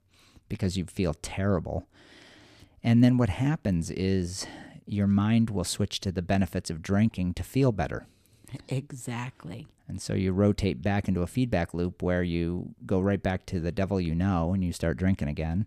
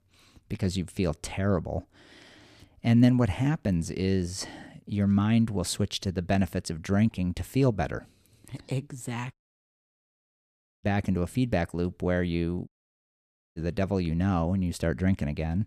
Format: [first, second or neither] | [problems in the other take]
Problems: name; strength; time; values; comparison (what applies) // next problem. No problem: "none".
first | audio cutting out; at 9.5 s for 1.5 s and at 13 s for 1 s